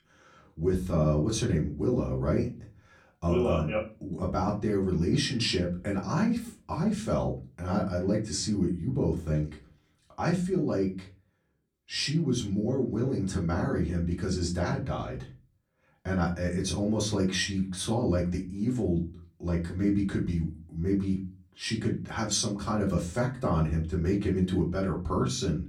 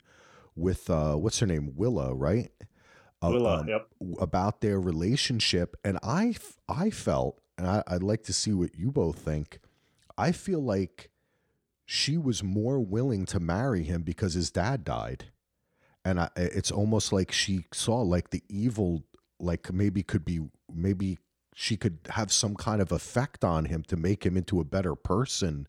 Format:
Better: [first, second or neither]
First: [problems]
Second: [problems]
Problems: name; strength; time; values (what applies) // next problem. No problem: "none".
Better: second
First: off-mic speech; far // room echo; very slight; dies away in 0.3 s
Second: none